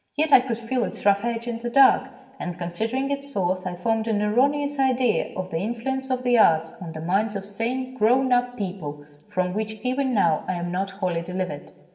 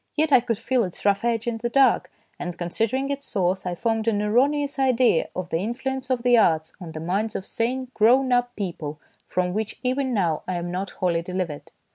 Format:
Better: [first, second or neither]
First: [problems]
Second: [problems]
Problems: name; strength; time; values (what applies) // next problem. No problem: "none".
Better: second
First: room echo; dies away in 1 s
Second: none